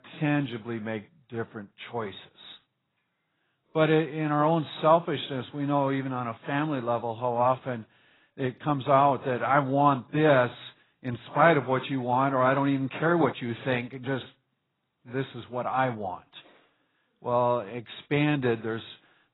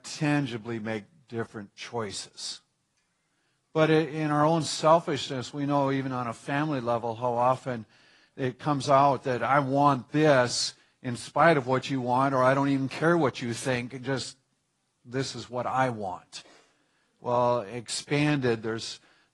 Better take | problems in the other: second | garbled, watery; badly; nothing above 4 kHz; slightly in the second

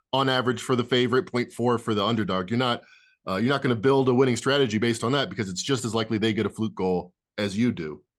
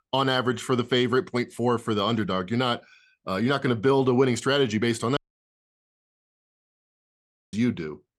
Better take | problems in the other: first | audio cutting out; at 5 s for 2.5 s

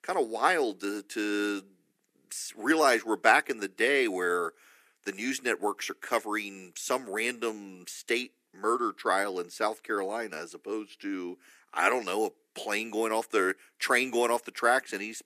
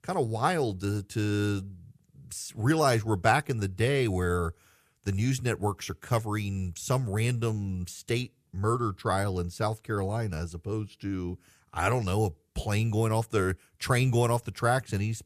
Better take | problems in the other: second | thin; somewhat; fading below 250 Hz

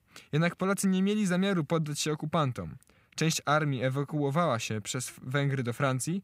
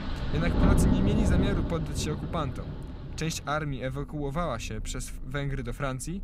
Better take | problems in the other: first | rain or running water; very loud; throughout; 3 dB above the speech

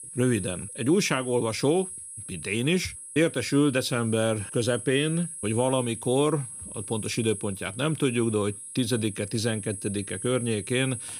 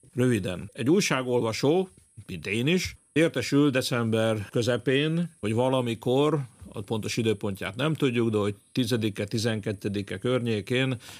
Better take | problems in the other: second | high-pitched whine; loud; throughout; 10.5 kHz, 10 dB below the speech; faint in the second

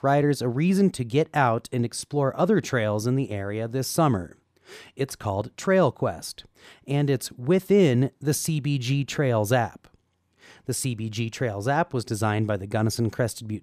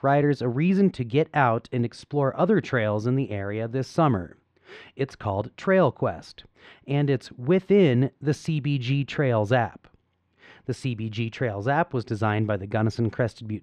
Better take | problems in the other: first | muffled; slightly; fading above 3 kHz

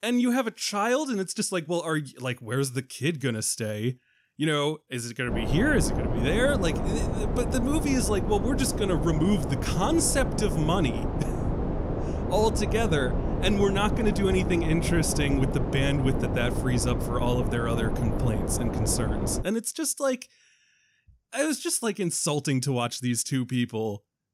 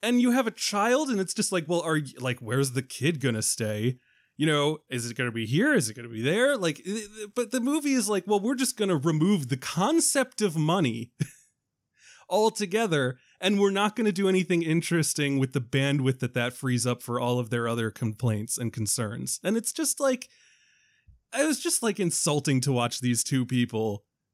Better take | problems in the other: second | wind noise on the microphone; heavy; from 5.5 to 19 s; 5 dB below the speech

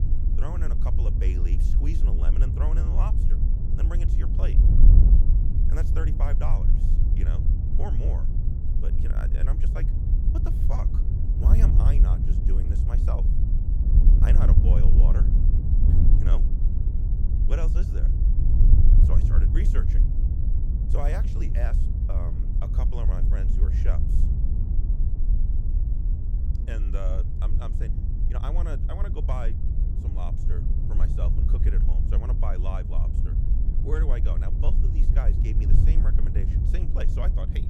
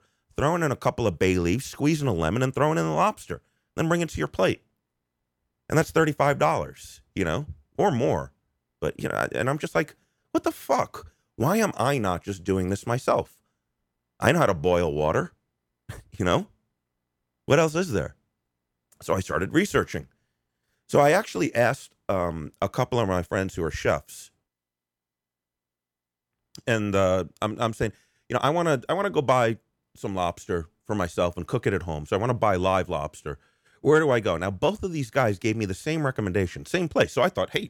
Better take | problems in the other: second | wind noise on the microphone; heavy; 1 dB below the speech

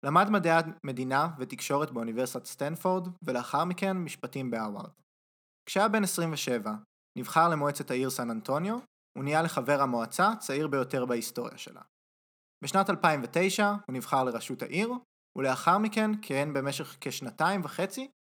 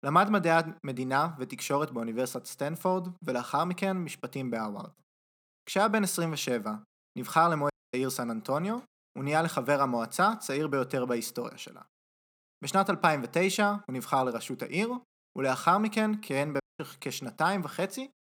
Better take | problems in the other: first | audio cutting out; at 7.5 s and at 17 s

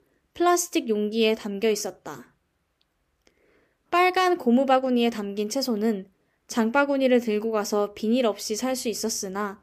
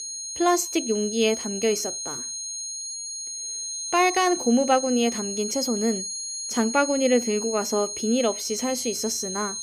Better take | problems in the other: first | high-pitched whine; loud; throughout; 6.5 kHz, 5 dB below the speech

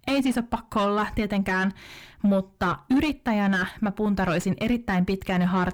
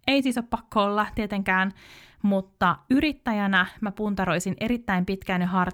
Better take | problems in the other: second | distortion; heavy; 7 dB below the speech

